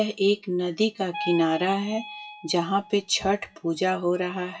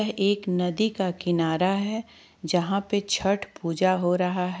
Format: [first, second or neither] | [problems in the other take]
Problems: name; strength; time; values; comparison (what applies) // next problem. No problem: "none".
second | noise reduction (classical method WPE with log-MMSE)